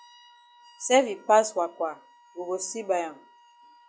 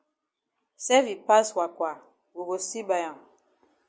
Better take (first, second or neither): second